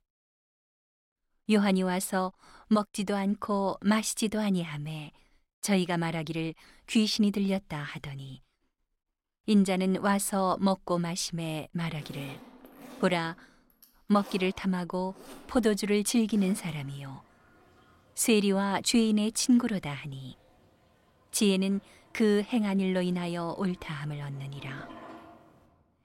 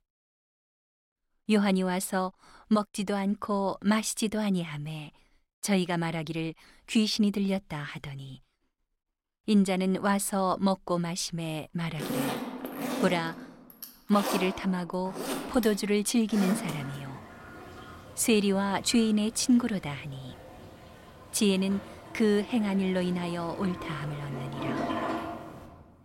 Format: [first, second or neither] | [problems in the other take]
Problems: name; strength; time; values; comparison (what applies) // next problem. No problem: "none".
first | household noises; loud; from 12 s on; 10 dB below the speech; faint in the first